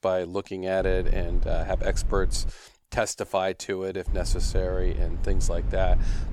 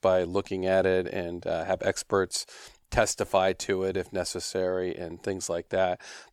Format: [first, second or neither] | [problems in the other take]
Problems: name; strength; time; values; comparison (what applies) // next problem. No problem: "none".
second | low rumble; noticeable; from 1 to 2.5 s and from 4 s on; 20 dB below the speech